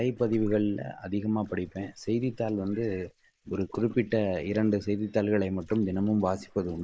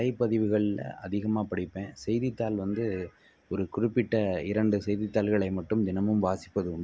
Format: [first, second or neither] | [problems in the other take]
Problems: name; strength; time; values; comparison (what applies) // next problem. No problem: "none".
second | noise reduction (neural mask model Resemble Enhance denoiser)